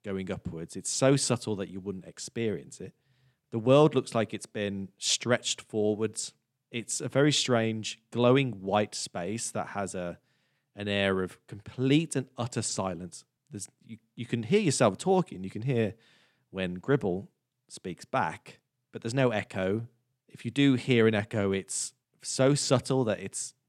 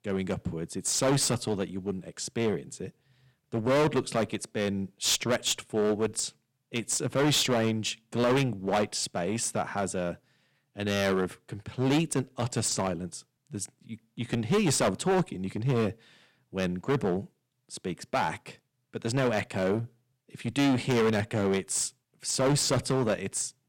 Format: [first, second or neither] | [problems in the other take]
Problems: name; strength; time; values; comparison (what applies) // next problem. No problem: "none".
first | distortion; heavy; 9% of the sound clipped